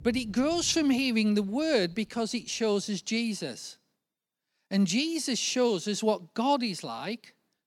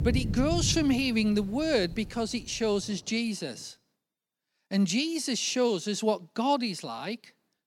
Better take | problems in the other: first | rain or running water; loud; until 3 s; 8 dB below the speech; faint in the first

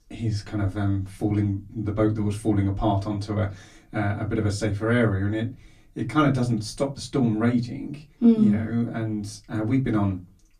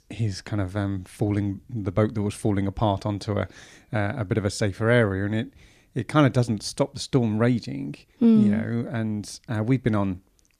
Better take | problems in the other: second | off-mic speech; far // room echo; very slight; dies away in 0.2 s

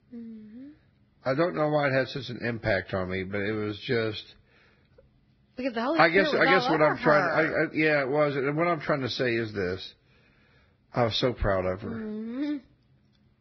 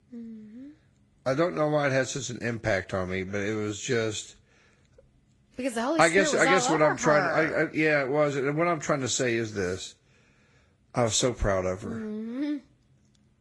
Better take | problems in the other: second | garbled, watery; badly; nothing above 5.5 kHz; slightly in the second

